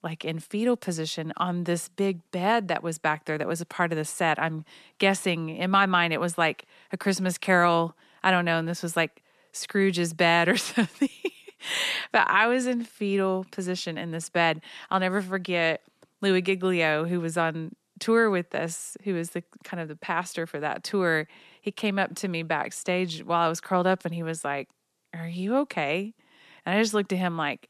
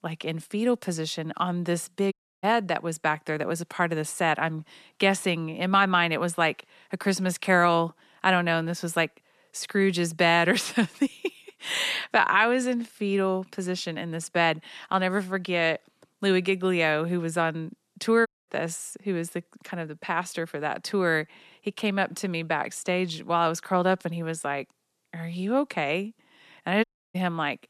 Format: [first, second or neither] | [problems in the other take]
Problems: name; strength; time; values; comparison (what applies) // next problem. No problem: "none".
first | audio cutting out; at 2 s, at 18 s and at 27 s